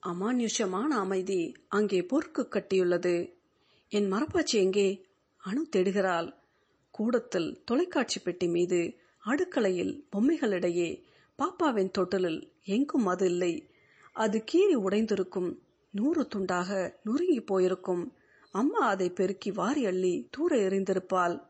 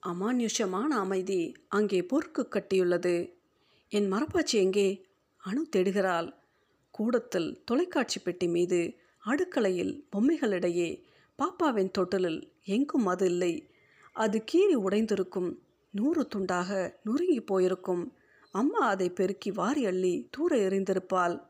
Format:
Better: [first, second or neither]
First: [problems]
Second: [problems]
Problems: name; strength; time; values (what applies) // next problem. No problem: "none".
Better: second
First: garbled, watery; slightly; nothing above 8 kHz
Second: none